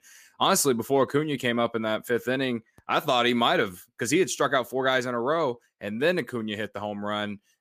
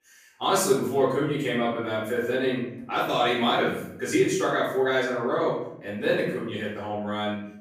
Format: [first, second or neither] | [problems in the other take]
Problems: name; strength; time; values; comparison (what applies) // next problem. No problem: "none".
first | room echo; noticeable; dies away in 0.7 s // off-mic speech; far